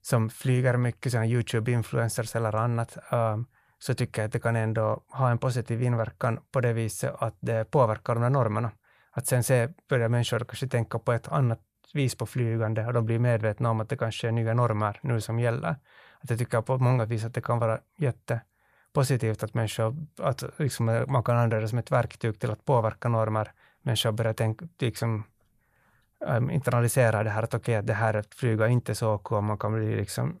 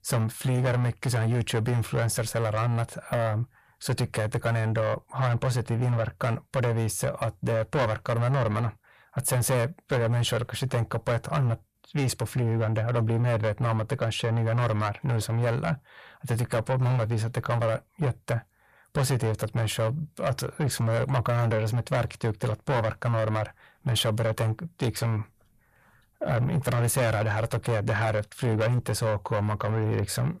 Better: first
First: none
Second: distortion; heavy; 7 dB below the speech

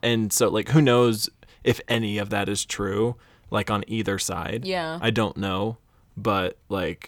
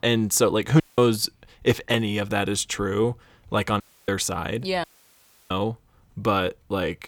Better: first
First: none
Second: audio cutting out; at 1 s, at 4 s and at 5 s for 0.5 s

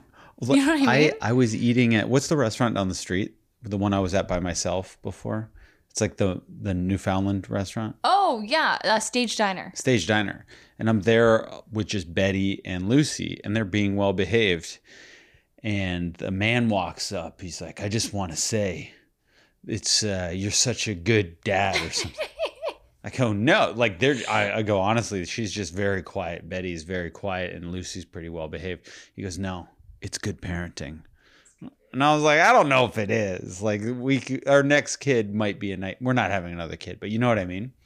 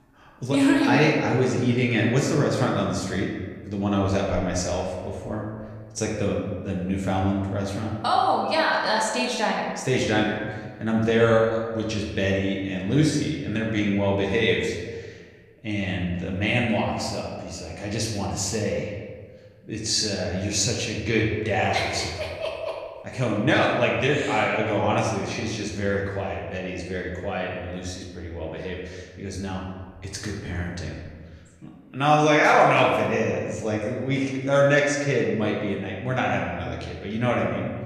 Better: first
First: none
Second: room echo; noticeable; dies away in 1.3 s // off-mic speech; far

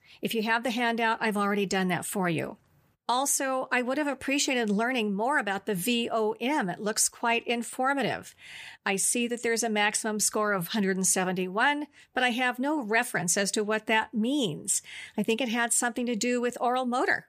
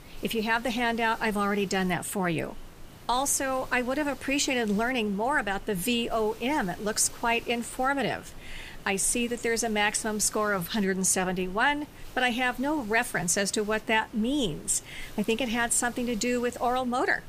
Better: first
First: none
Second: hiss; faint; throughout; 20 dB below the speech

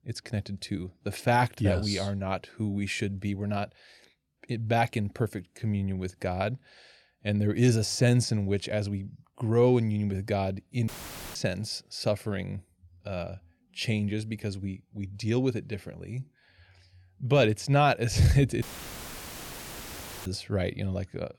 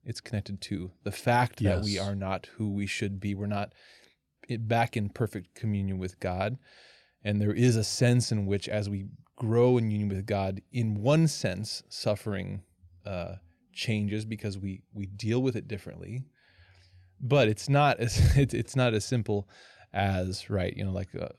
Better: second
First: audio cutting out; filled with static; at 11 s and at 19 s for 1.5 s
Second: none

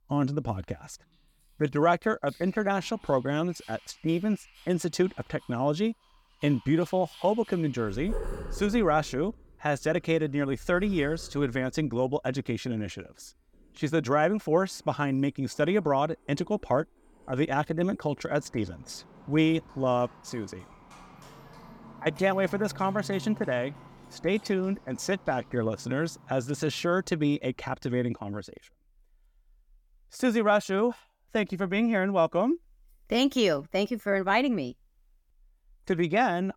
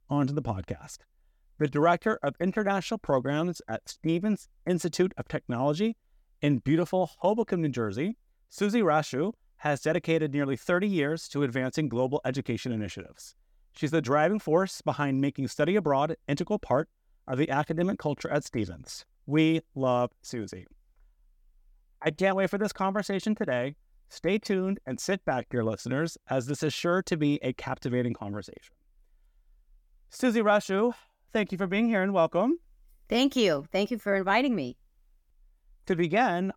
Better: second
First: animal sounds; faint; until 27 s; 20 dB below the speech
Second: none

